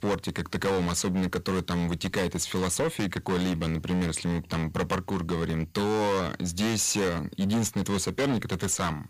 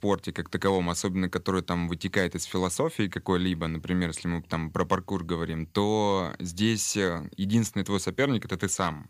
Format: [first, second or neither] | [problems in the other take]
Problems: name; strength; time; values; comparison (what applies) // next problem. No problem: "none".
second | distortion; heavy; 17% of the sound clipped